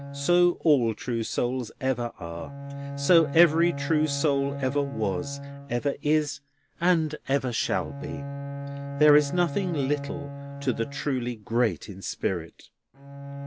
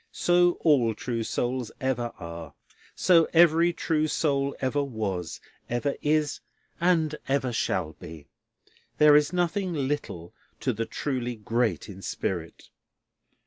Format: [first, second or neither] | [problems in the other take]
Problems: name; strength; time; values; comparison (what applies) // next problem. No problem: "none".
second | background sound (Bowed string instrument); 10 dB below the speech